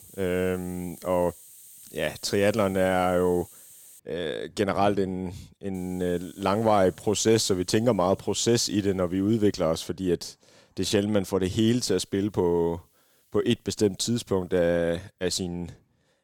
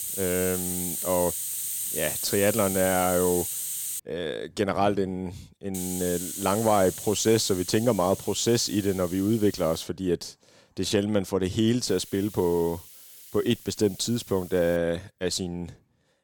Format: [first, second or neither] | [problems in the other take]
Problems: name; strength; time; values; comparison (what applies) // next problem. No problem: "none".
first | hiss; loud; until 4 s, from 5.5 to 10 s and from 12 to 15 s; 5 dB below the speech; faint in the first